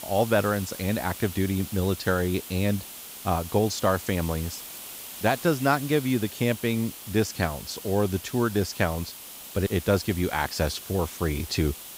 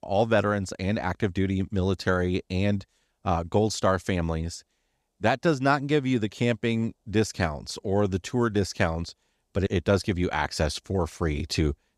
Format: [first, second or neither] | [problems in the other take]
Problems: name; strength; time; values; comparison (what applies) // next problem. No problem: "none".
second | hiss; noticeable; throughout; 10 dB below the speech